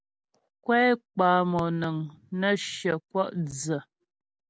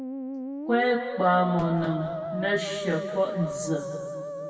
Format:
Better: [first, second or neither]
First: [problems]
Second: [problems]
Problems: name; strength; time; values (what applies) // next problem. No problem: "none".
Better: first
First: none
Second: background sound (Musical instrument); 7 dB below the speech // room echo; dies away in 2.4 s